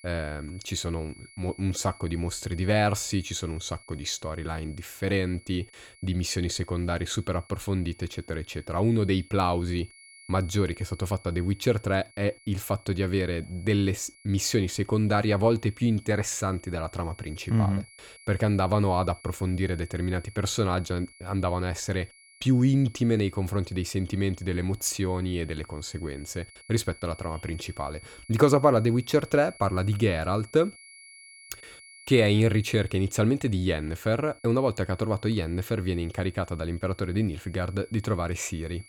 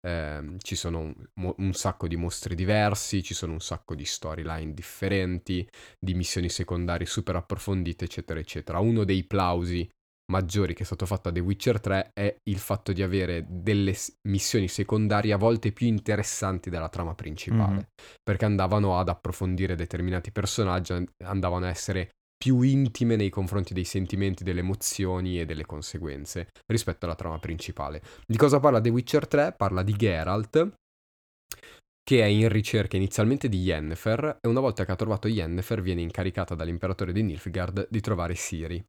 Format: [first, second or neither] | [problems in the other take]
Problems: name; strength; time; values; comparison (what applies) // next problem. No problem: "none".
second | high-pitched whine; faint; throughout; 2 kHz, 25 dB below the speech